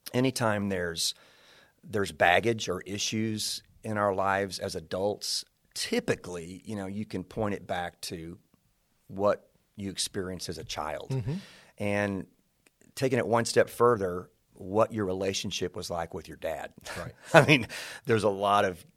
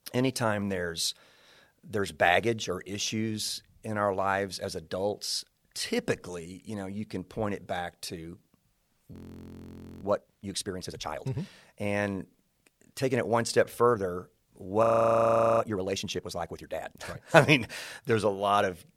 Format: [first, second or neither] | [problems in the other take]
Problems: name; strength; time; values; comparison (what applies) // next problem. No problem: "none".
first | audio freezing; at 9 s for 1 s and at 15 s for 1 s